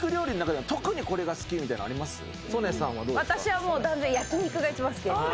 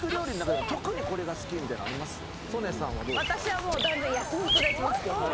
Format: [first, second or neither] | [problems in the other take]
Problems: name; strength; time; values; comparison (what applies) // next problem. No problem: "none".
first | background sound (Bird vocalization, bird call, bird song); 1 dB below the speech